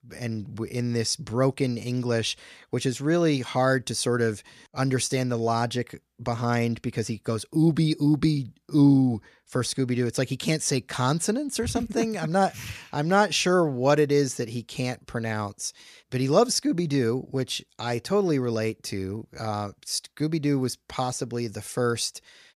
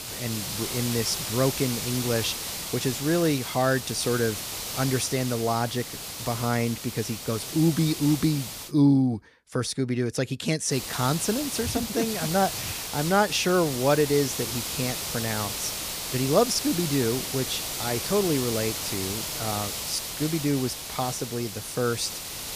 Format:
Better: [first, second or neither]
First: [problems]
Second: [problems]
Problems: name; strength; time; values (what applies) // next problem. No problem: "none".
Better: first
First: none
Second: hiss; loud; until 8.5 s and from 11 s on; 4 dB below the speech